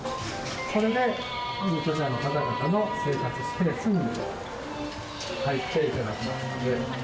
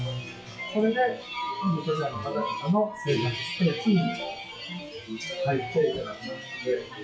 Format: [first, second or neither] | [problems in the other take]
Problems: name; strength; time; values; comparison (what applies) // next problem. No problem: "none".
first | noise reduction (classical method log-MMSE)